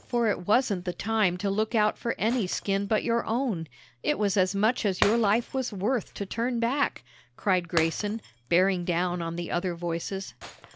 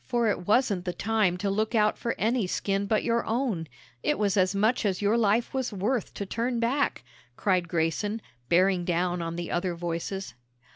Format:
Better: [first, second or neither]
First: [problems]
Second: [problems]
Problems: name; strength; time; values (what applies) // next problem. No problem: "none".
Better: second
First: background sound (Shatter); 15 dB below the speech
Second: none